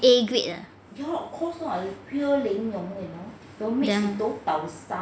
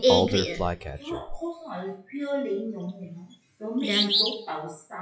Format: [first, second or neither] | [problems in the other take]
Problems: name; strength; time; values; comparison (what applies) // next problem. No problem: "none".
first | noise reduction (classical method WPE with log-MMSE)